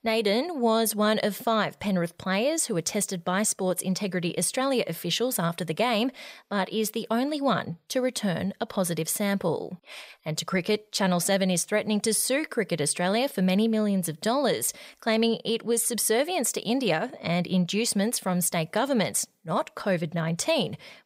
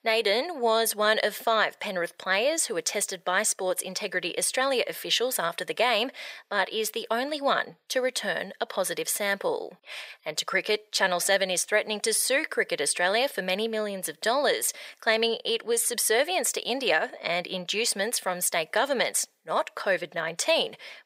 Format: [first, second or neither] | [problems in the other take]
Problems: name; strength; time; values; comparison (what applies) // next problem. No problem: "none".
first | thin; somewhat; fading below 450 Hz